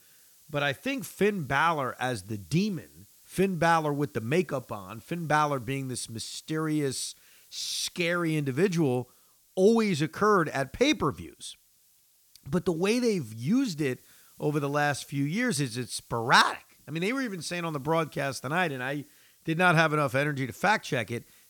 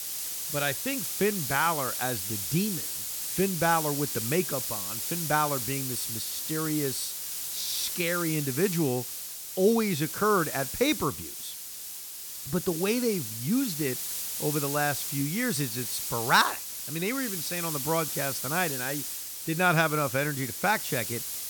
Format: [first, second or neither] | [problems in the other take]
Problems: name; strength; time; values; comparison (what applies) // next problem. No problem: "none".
first | hiss; loud; throughout; 3 dB below the speech; faint in the first